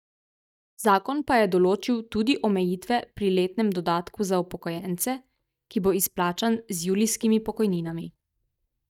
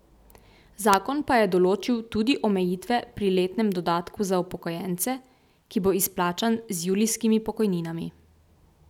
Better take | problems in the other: second | noise reduction (neural mask model DeepFilterNet 3)

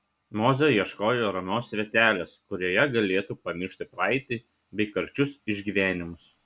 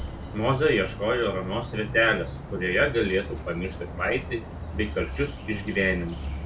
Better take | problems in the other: first | background sound (Bird); 8 dB below the speech // room echo; dies away in 0.2 s

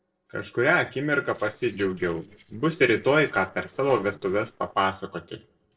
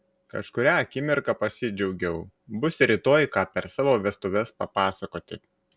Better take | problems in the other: second | noise reduction (neural separator model SepFormer DNS4)

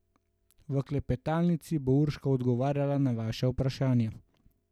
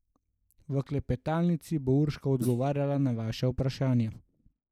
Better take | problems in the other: first | noise reduction (neural mask model Resemble Enhance denoiser)

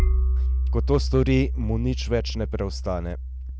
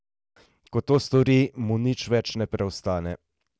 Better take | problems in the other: second | background sound (Hammer); 2 dB above the speech

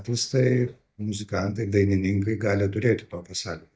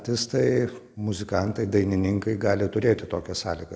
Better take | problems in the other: second | noise reduction (neural mask model DeepFilterNet 3)

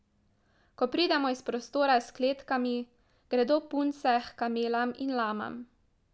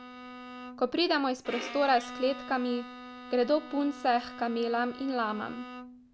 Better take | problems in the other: first | background sound (Bowed string instrument); 13 dB below the speech

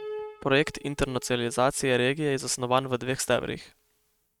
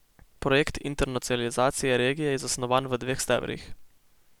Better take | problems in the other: second | noise reduction (neural mask model RNNoise)

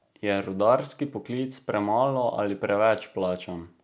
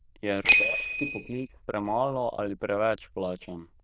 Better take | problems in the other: first | noise reduction (neural diffusion model UNIVERSE++)

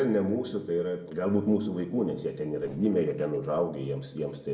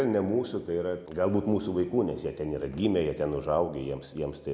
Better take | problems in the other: second | noise reduction (neural separator model SepFormer DNS4)

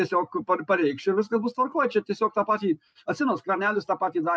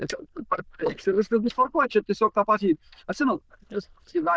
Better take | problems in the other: first | noise reduction (neural diffusion model UNIVERSE++)

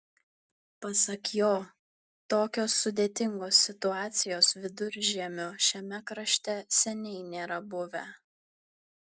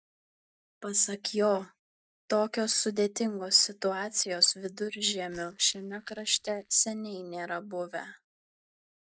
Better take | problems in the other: first | noise reduction (neural mask model DeepFilterNet 3)

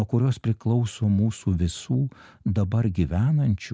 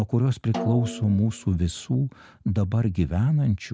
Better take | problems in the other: first | background sound (Snare drum); 13 dB below the speech

